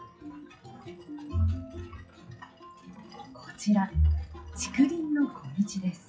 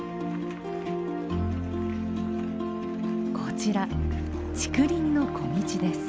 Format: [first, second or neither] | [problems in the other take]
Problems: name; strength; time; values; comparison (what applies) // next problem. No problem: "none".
second | noise reduction (classical method WPE with log-MMSE)